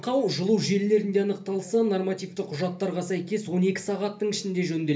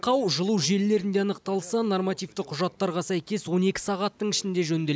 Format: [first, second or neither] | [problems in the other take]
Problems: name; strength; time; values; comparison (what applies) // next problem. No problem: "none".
second | room echo; dies away in 0.3 s